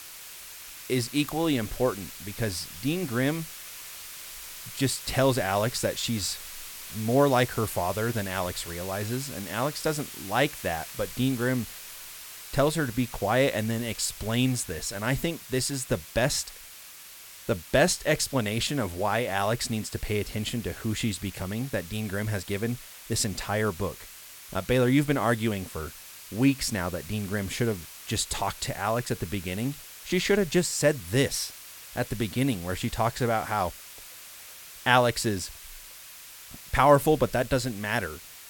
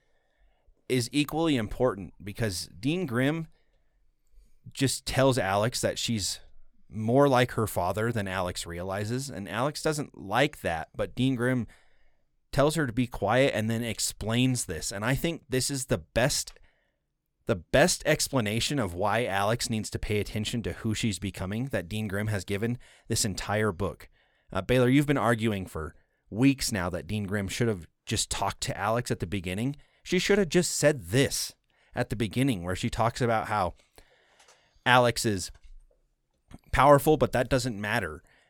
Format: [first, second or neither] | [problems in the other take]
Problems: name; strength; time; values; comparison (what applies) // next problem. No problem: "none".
second | hiss; noticeable; throughout; 15 dB below the speech